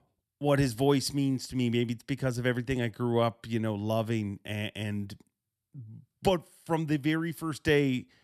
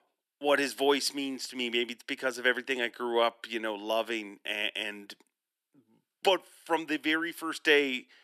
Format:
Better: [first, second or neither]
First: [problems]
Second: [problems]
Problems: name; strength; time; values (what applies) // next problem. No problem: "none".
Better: first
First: none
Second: thin; somewhat; fading below 300 Hz